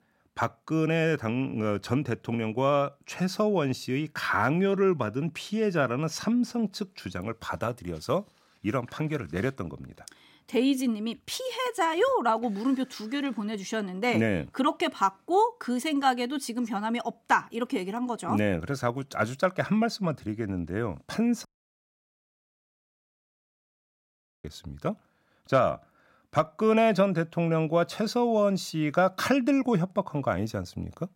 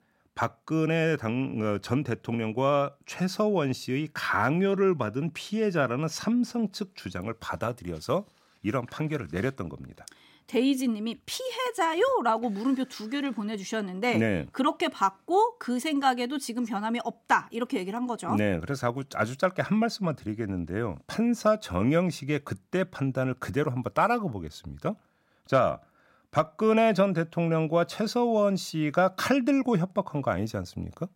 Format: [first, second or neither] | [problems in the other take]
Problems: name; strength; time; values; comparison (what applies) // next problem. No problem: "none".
second | audio cutting out; at 21 s for 3 s